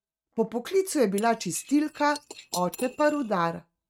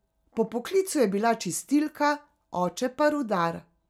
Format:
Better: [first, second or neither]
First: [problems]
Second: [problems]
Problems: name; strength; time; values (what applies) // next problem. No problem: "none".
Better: second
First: noise reduction (neural mask model RNNoise)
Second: none